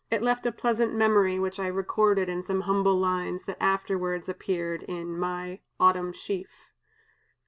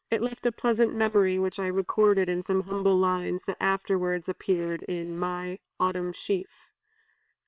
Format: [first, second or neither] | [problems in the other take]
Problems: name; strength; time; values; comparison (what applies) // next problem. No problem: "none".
first | noise reduction (neural separator model SepFormer WHAM!)